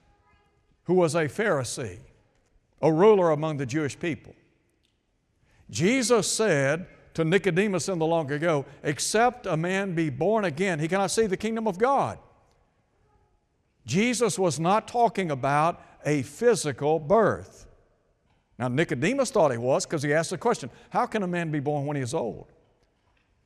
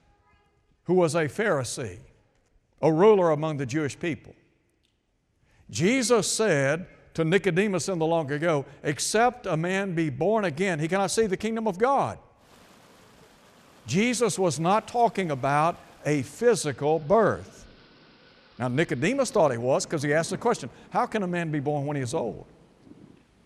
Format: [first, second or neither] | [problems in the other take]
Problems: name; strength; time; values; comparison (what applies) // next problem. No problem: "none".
first | rain or running water; faint; from 12 s on; 25 dB below the speech